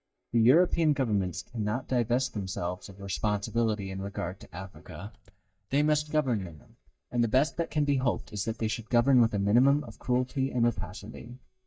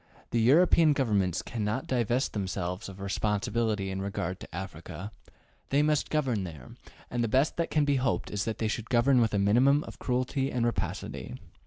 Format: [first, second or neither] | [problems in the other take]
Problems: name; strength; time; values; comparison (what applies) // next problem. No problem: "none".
second | noise reduction (neural mask model DeepFilterNet 3)